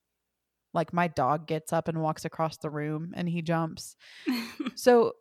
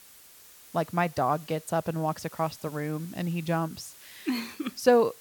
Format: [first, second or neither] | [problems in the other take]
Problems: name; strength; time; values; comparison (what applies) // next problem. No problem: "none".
first | hiss; noticeable; throughout; 20 dB below the speech